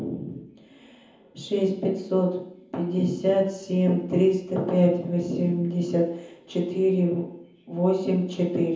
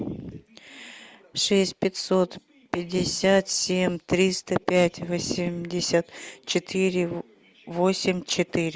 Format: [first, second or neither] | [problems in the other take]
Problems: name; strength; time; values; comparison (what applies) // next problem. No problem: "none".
second | room echo; dies away in 0.7 s